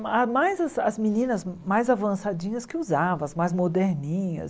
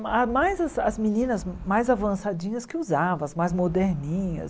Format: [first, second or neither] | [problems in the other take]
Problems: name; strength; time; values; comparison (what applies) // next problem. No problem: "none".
first | background sound (Wind); 15 dB below the speech